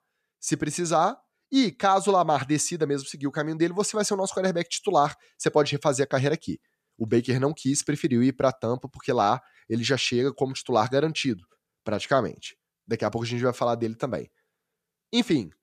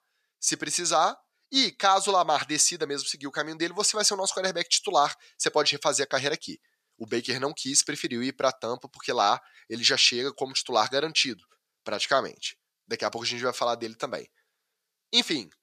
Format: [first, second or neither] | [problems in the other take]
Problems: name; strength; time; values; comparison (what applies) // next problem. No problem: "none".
first | thin; somewhat; fading below 1 kHz